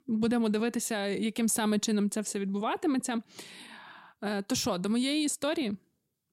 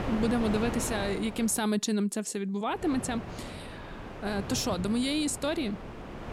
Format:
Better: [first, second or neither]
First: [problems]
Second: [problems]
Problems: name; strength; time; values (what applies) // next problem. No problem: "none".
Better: first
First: none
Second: wind noise on the microphone; heavy; until 1.5 s and from 3 s on; 8 dB below the speech